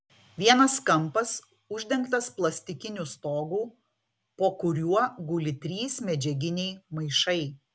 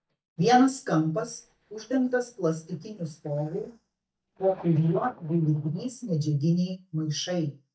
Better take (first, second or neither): first